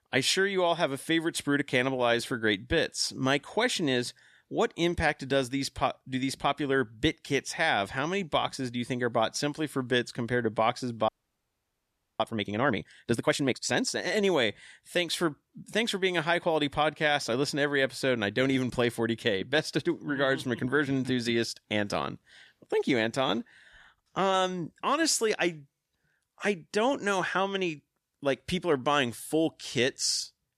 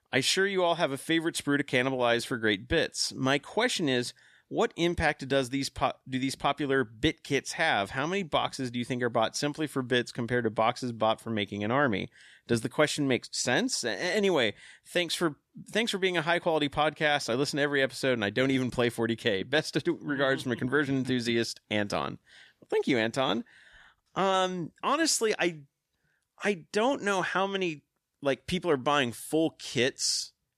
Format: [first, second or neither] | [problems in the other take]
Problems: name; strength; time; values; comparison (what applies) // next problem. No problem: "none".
second | audio freezing; at 11 s for 1 s